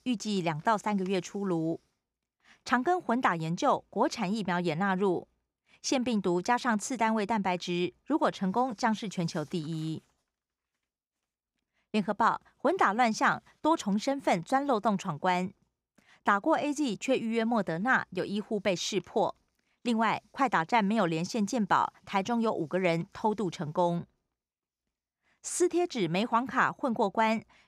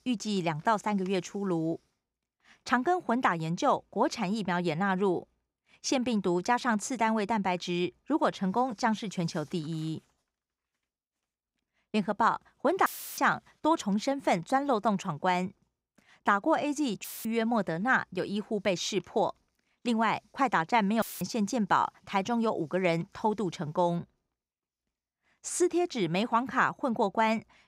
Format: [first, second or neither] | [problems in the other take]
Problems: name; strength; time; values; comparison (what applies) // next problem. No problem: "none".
first | audio cutting out; filled with static; at 13 s, at 17 s and at 21 s